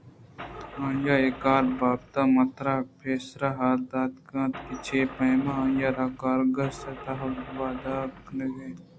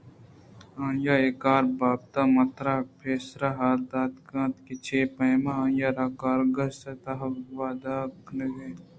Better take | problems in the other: second | background sound (Engine starting / Car); 14 dB below the speech

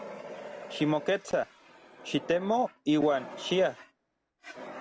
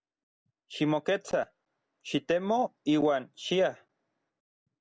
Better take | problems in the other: second | background sound (Fire); 15 dB below the speech

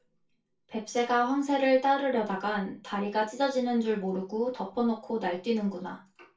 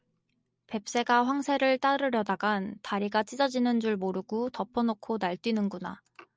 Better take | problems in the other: second | room echo; dies away in 0.2 s

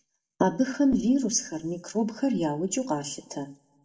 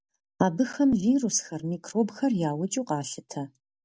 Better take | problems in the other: second | room echo; dies away in 0.4 s

